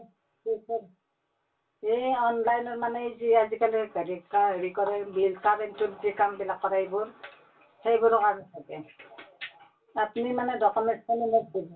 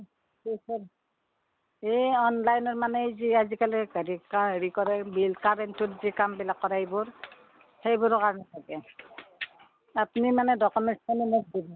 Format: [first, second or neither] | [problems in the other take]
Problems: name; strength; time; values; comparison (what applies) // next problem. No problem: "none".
second | room echo; dies away in 0.2 s